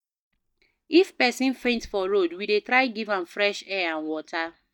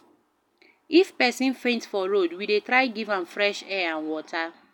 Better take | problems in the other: second | noise reduction (neural mask model DeepFilterNet 3)

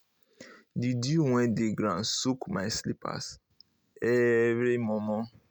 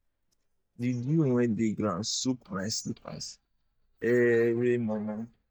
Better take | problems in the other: first | noise reduction (neural mask model DeepFilterNet 3)

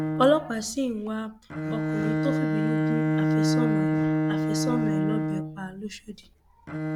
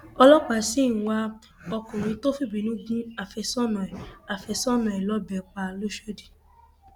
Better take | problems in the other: second | background sound (Bowed string instrument); 4 dB above the speech

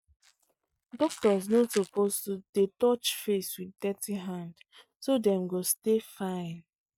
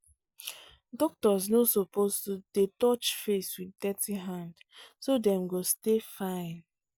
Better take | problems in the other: second | noise reduction (neural mask model RNNoise)

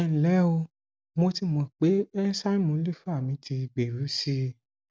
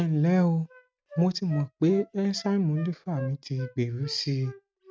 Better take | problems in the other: first | noise reduction (neural mask model RNNoise)

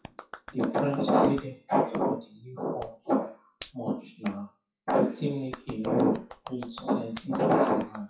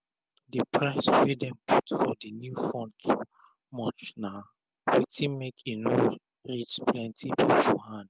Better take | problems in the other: second | noise reduction (classical method WPE with log-MMSE)

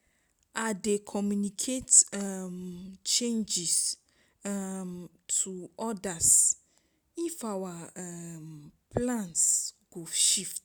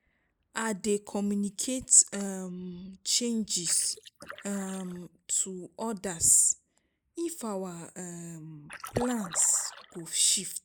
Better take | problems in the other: first | noise reduction (neural mask model Resemble Enhance denoiser)

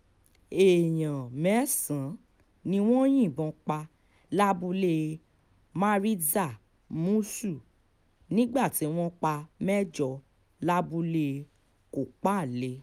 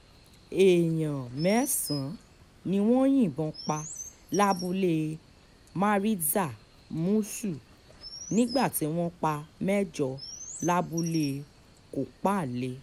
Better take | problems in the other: first | background sound (Chirp, tweet); 18 dB below the speech

